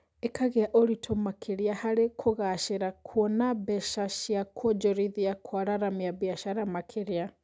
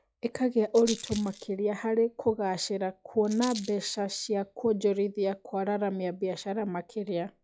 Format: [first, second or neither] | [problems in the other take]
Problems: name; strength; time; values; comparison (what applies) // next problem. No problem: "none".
first | noise reduction (classical method log-MMSE)